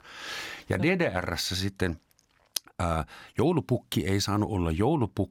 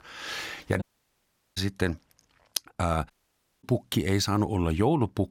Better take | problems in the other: first | audio cutting out; at 1 s for 0.5 s and at 3 s for 0.5 s

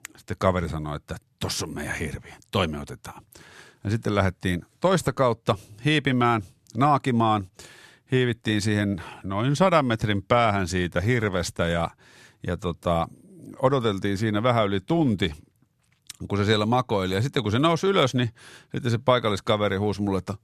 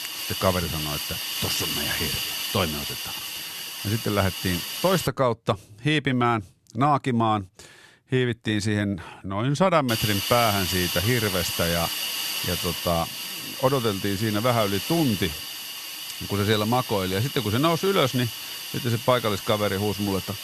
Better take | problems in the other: first | hiss; loud; until 5 s and from 10 s on; 4 dB below the speech

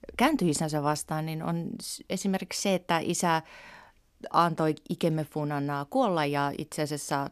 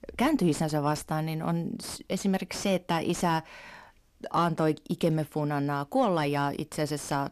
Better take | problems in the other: first | distortion; slight; 10 dB below the speech

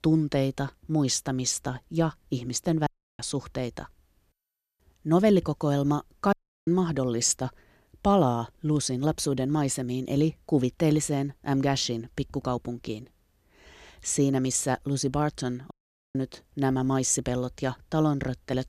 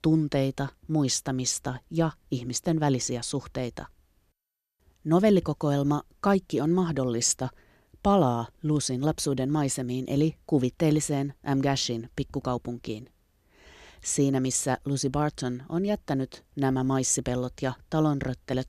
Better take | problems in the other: second | audio cutting out; at 3 s, at 6.5 s and at 16 s

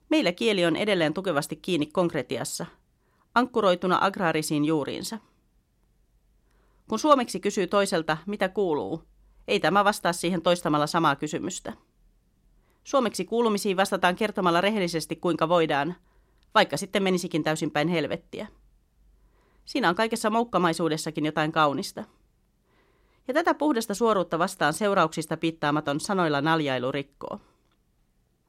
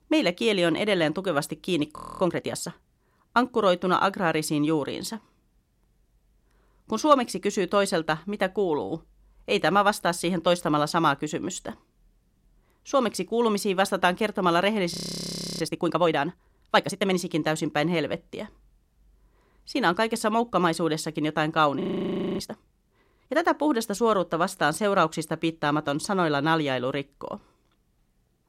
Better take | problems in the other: first | audio freezing; at 2 s, at 15 s for 0.5 s and at 22 s for 0.5 s

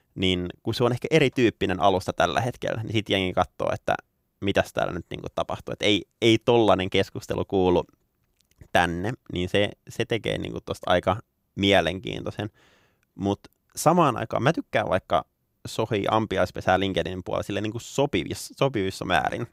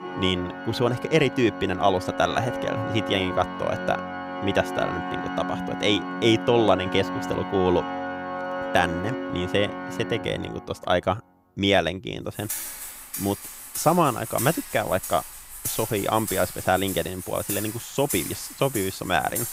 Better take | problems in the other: first | background music; loud; throughout; 7 dB below the speech

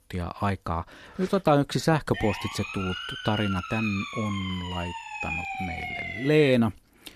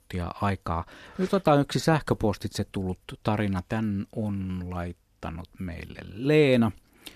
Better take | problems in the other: second | siren; noticeable; from 2 to 6.5 s; peak 4 dB below the speech

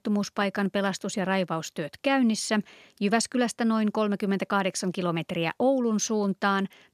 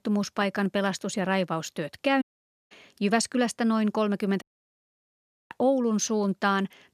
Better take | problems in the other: first | audio cutting out; at 2 s and at 4.5 s for 1 s

